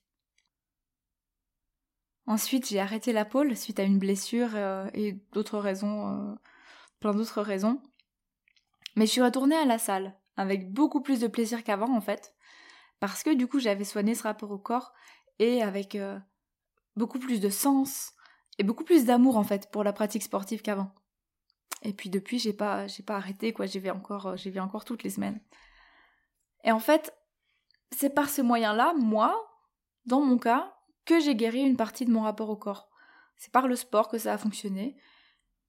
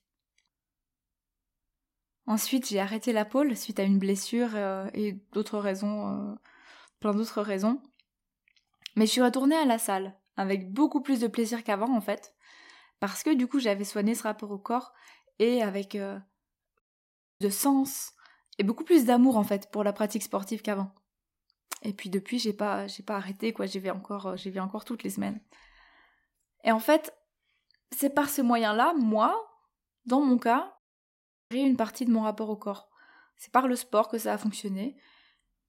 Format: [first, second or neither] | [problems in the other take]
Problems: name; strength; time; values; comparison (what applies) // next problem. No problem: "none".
first | audio cutting out; at 17 s for 0.5 s and at 31 s for 0.5 s